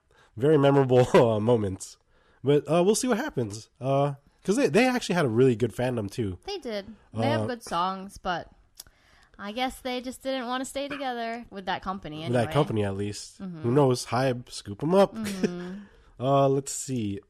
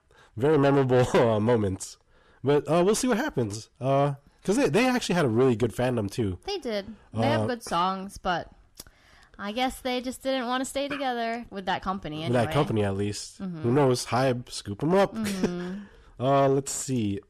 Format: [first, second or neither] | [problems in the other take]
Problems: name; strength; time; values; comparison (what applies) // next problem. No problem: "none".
first | distortion; slight; 9 dB below the speech